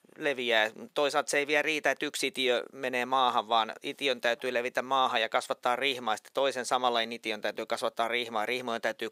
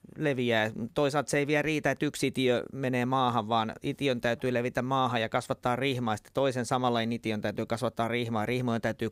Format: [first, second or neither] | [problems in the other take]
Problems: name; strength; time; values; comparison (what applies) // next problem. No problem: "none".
second | thin; somewhat; fading below 500 Hz